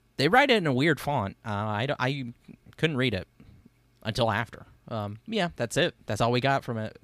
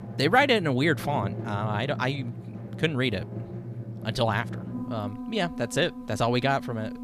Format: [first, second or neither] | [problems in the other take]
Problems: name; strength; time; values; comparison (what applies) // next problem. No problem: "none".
first | background music; loud; throughout; 10 dB below the speech